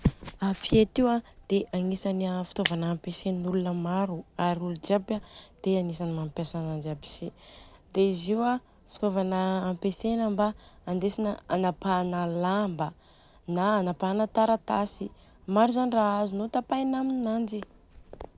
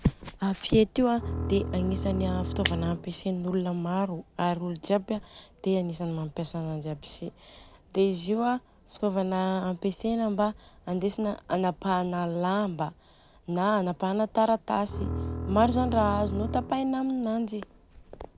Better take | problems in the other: first | background sound (Bowed string instrument); 5 dB below the speech

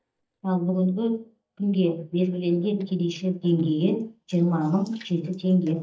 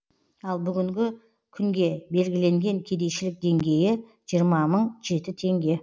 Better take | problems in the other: second | noise reduction (neural mask model DeepFilterNet 3)

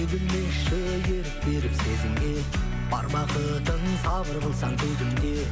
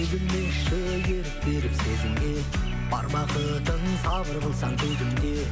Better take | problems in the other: first | background sound (Bird vocalization, bird call, bird song + Rattle (instrument)); 20 dB below the speech

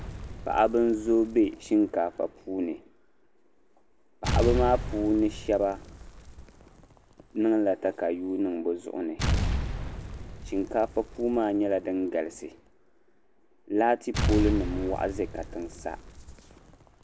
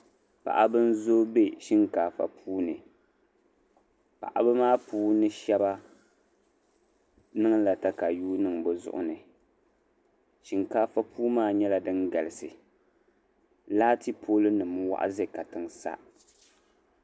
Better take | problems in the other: second | background sound (Explosion); 6 dB below the speech

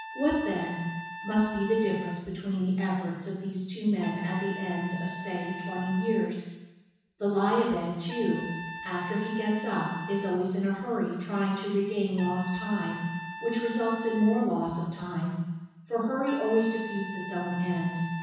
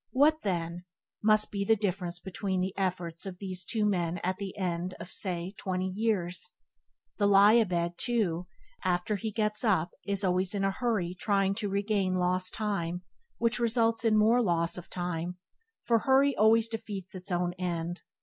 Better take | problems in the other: second | background sound (Trumpet); 13 dB below the speech // room echo; dies away in 1.1 s

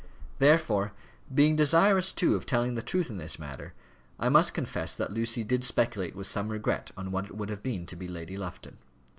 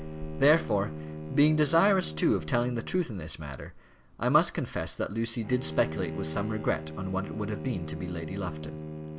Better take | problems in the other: first | background sound (Bowed string instrument); 10 dB below the speech

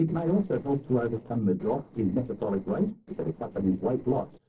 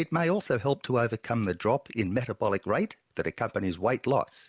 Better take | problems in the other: second | noise reduction (neural separator model SepFormer DNS4)

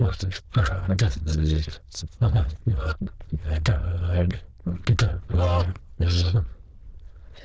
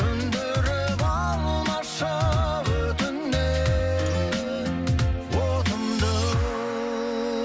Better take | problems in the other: second | noise reduction (neural diffusion model UNIVERSE++)

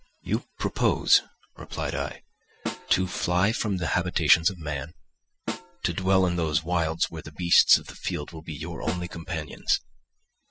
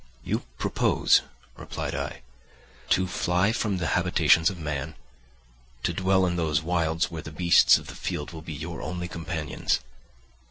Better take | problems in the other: second | noise reduction (classical method spectral subtraction)

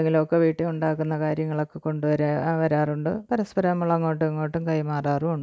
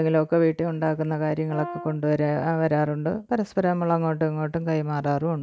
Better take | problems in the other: first | background sound (Brass instrument); 14 dB below the speech

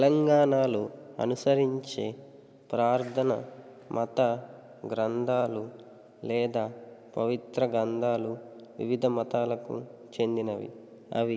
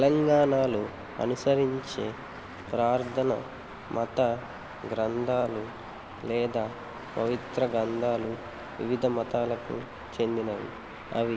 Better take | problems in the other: first | background sound (Traffic noise, roadway noise); 13 dB below the speech

